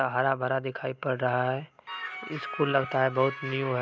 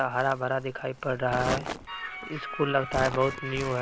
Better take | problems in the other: first | background sound (Crumpling, crinkling); 10 dB below the speech

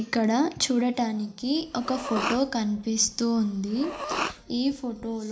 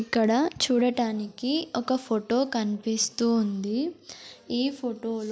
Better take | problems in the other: second | background sound (Respiratory sounds); 9 dB below the speech // room echo; dies away in 0.4 s

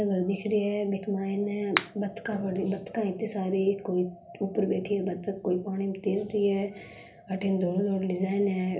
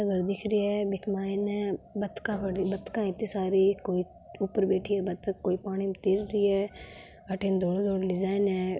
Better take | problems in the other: second | background sound (Finger snapping); 7 dB below the speech // room echo; dies away in 0.3 s

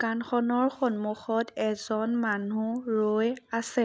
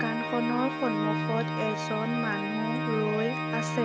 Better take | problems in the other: first | background sound (Organ); as loud as the speech

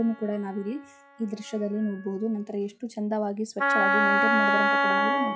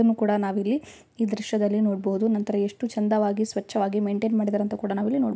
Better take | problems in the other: second | noise reduction (classical method log-MMSE)

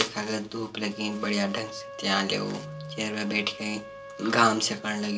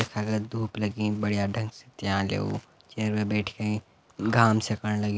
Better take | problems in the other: second | background sound (Wind instrument, woodwind instrument); 15 dB below the speech // room echo; dies away in 0.2 s

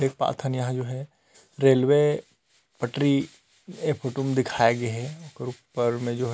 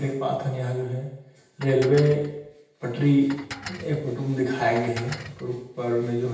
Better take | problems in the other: first | background sound (Dishes, pots, and pans); 15 dB below the speech // room echo; dies away in 0.9 s

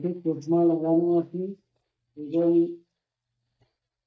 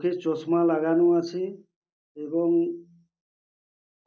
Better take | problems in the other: second | noise reduction (neural mask model DeepFilterNet 3)

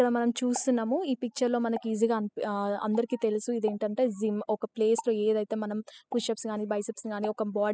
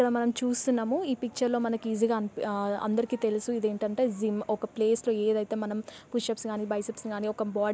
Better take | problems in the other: second | noise reduction (classical method spectral subtraction)

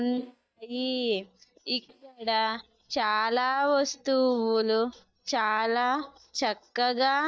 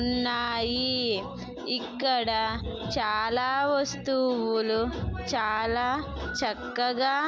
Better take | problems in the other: second | noise reduction (neural mask model DeepFilterNet 3)

